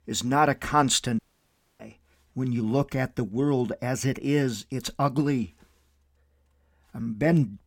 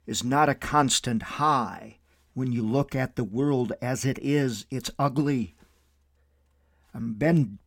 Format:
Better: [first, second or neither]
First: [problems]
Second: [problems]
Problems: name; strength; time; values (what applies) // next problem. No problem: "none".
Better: second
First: audio cutting out; at 1 s for 0.5 s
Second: none